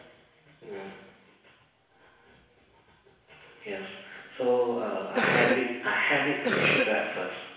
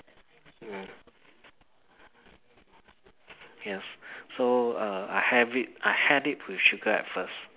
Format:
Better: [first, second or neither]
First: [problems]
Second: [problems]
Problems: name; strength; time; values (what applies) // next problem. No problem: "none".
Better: second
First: background sound (Cough); 1 dB above the speech // room echo; dies away in 1.1 s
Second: none